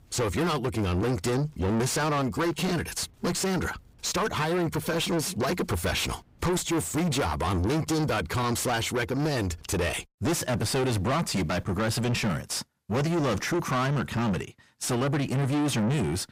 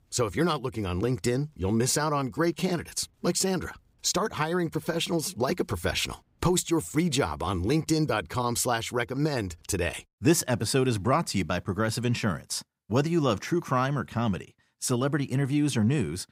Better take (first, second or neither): second